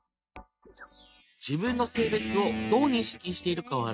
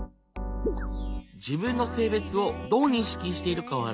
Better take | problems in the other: second | noise reduction (neural mask model RNNoise)

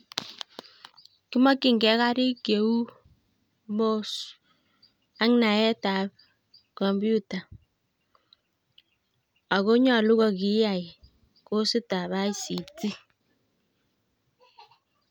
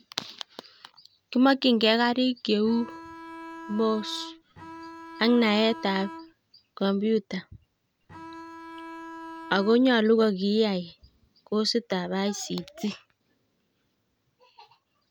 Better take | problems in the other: first | background sound (Bowed string instrument); 14 dB below the speech

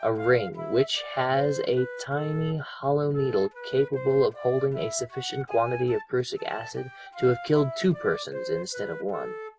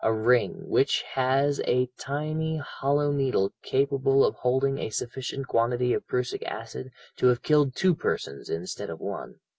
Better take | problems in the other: second | background sound (Wind instrument, woodwind instrument); 11 dB below the speech

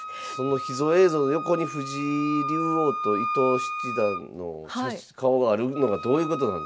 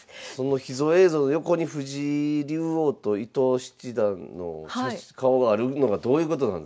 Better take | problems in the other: second | background sound (Wind instrument, woodwind instrument); 7 dB below the speech

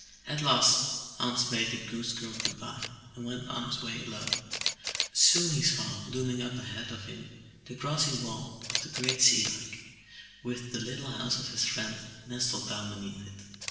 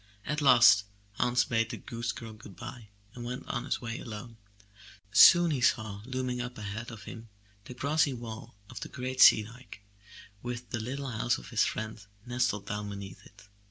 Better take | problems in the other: second | background sound (Camera); 9 dB below the speech // room echo; dies away in 1.2 s

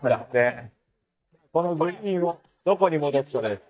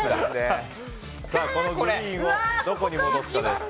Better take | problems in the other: second | noise reduction (neural mask model DeepFilterNet 3)

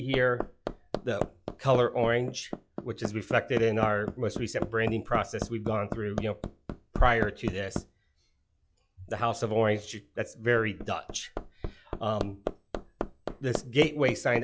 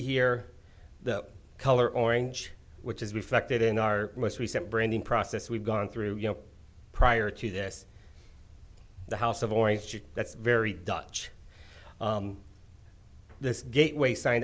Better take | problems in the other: second | noise reduction (classical method log-MMSE)

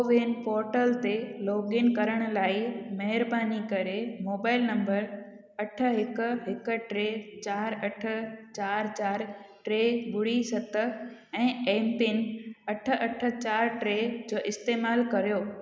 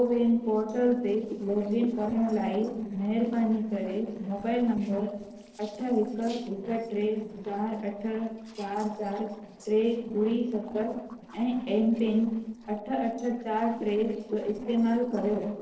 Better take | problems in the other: first | noise reduction (neural separator model SepFormer DNS4)

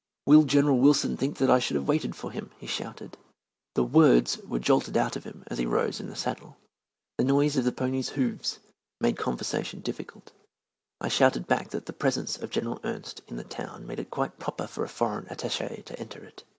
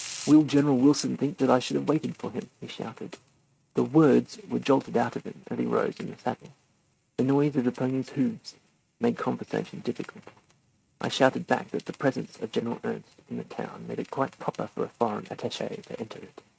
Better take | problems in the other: first | noise reduction (neural mask model RNNoise)

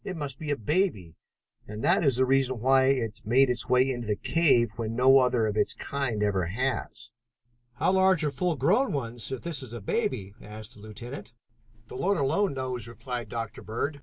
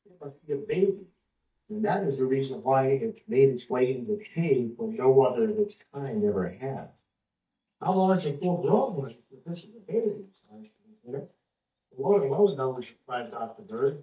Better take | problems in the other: first | noise reduction (neural mask model DeepFilterNet 3)

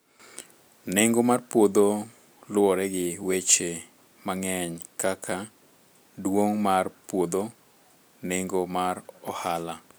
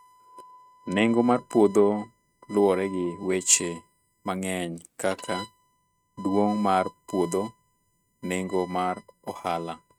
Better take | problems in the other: first | noise reduction (neural mask model RNNoise)

